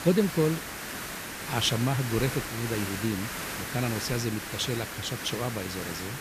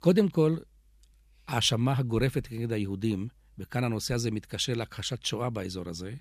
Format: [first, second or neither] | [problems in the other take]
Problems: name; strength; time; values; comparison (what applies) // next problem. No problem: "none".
second | hiss; loud; throughout; 5 dB below the speech